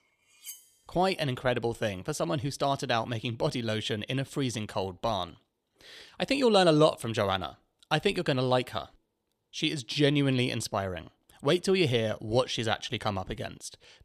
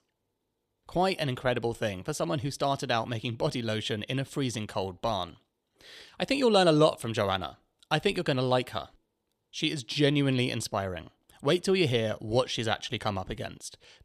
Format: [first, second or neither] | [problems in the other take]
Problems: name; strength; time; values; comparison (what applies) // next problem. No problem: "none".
second | clattering dishes; faint; at 0.5 s; peak 15 dB below the speech